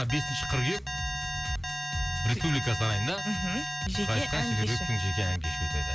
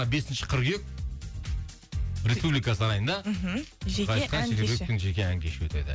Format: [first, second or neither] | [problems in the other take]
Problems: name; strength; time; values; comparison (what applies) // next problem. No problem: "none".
second | background sound (Alarm); 4 dB below the speech